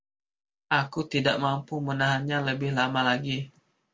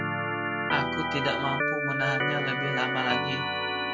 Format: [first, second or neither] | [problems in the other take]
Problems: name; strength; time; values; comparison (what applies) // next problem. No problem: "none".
first | background sound (Organ); 4 dB above the speech